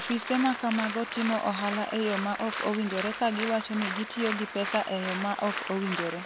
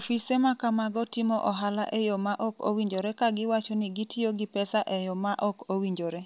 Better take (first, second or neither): second